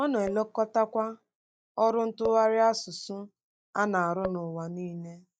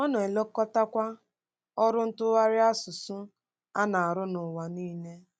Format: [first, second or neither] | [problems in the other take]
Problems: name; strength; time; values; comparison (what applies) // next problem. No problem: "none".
second | noise reduction (neural mask model DeepFilterNet 3)